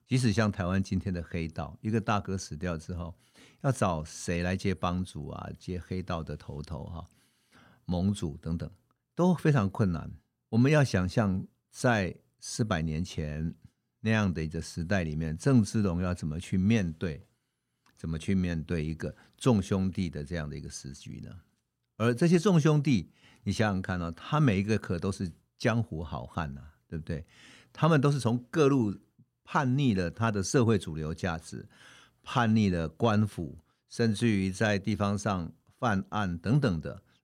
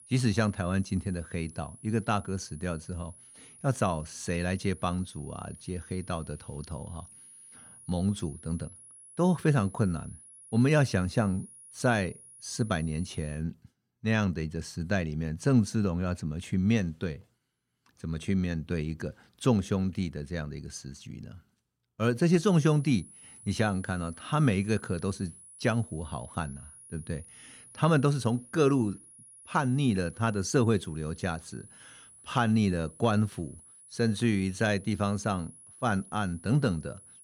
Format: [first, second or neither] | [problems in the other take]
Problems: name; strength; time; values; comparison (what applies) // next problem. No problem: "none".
first | high-pitched whine; noticeable; until 13 s and from 22 s on; 10.5 kHz, 20 dB below the speech